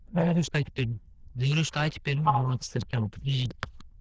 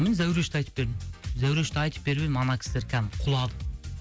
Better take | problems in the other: second | noise reduction (neural diffusion model UNIVERSE++)

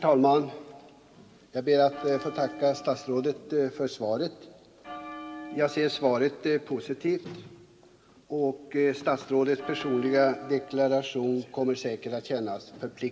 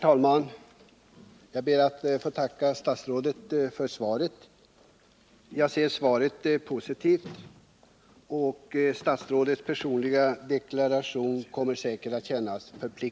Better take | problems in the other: second | background sound (Bell); 13 dB below the speech // room echo; dies away in 1.8 s

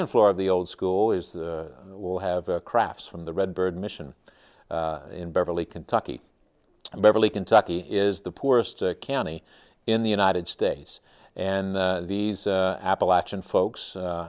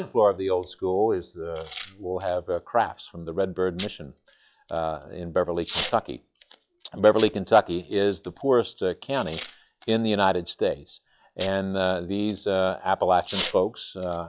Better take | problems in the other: first | noise reduction (classical method log-MMSE)

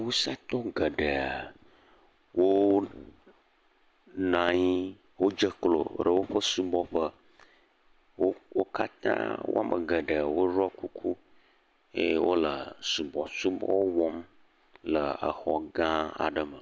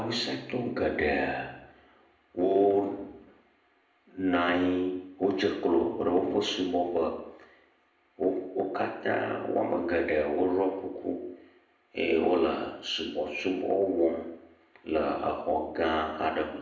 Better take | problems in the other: first | room echo; dies away in 0.7 s

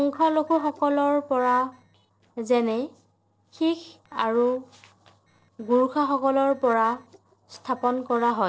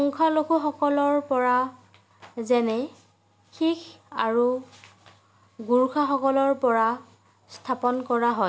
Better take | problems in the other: second | noise reduction (neural separator model SepFormer DNS4)

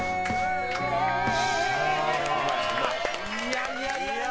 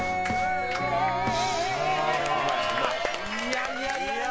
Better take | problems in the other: second | background sound (Wind instrument, woodwind instrument); 7 dB below the speech

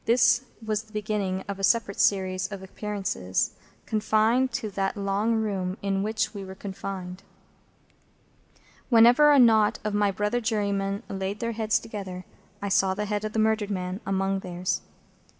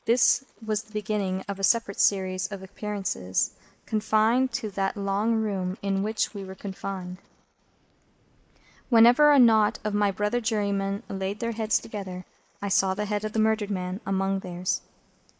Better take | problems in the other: first | noise reduction (neural mask model Resemble Enhance denoiser)

